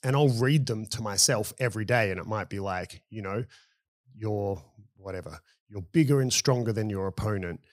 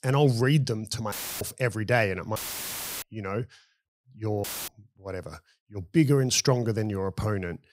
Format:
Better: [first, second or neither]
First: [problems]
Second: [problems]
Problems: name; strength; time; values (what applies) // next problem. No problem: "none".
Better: first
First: none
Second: audio cutting out; filled with static; at 1 s, at 2.5 s for 0.5 s and at 4.5 s